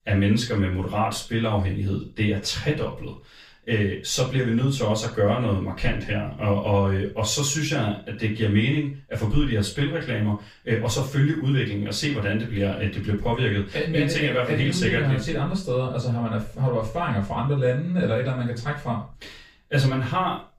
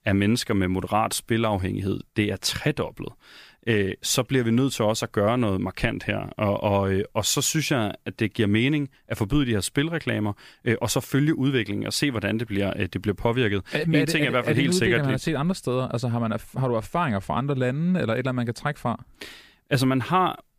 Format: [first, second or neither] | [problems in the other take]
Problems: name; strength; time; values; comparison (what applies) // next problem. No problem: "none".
second | room echo; noticeable; dies away in 0.3 s // off-mic speech; far